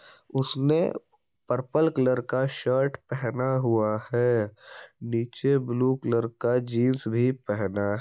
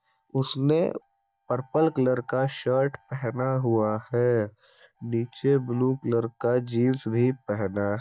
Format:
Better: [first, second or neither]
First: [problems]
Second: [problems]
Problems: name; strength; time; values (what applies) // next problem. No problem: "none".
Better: first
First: none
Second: noise reduction (neural mask model DeepFilterNet 3)